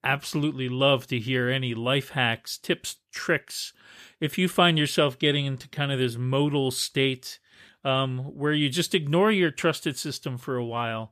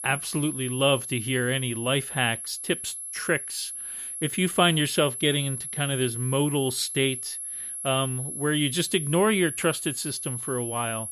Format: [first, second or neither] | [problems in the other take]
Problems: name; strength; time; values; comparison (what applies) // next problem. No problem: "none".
first | high-pitched whine; loud; throughout; 11 kHz, 6 dB below the speech